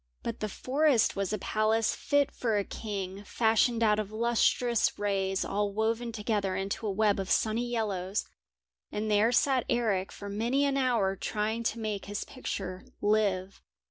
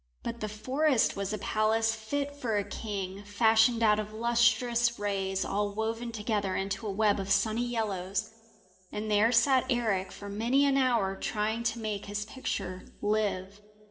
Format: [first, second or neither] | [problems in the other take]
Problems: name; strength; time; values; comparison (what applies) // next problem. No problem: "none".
first | room echo; dies away in 2.3 s